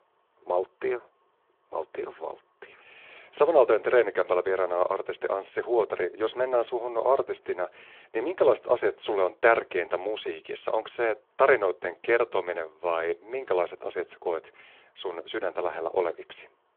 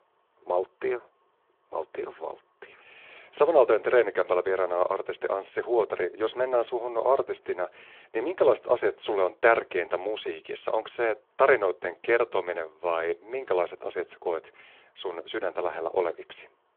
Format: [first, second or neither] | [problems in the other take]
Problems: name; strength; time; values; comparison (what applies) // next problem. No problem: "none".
neither | phone-call audio; the same in both